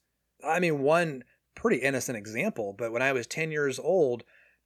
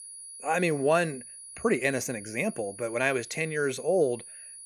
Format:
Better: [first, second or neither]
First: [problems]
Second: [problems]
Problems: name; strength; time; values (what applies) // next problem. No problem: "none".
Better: first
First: none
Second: high-pitched whine; noticeable; throughout; 10.5 kHz, 15 dB below the speech